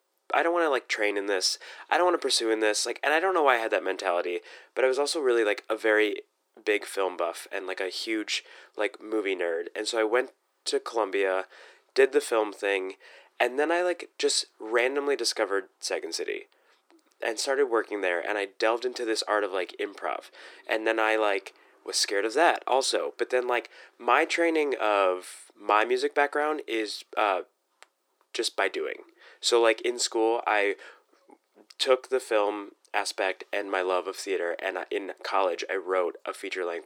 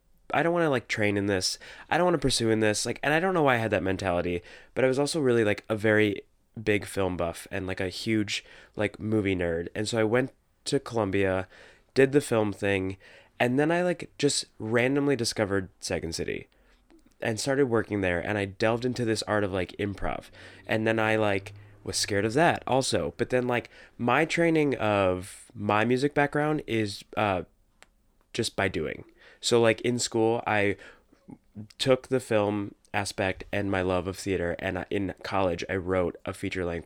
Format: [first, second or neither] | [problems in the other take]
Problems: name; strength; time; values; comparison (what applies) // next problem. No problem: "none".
second | thin; very; fading below 350 Hz